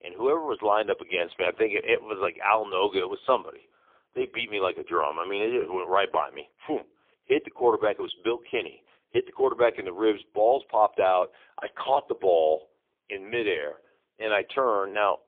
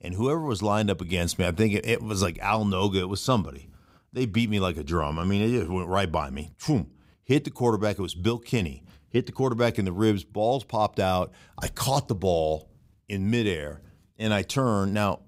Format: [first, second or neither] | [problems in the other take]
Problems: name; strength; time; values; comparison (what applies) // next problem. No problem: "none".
second | phone-call audio; poor line; nothing above 3.5 kHz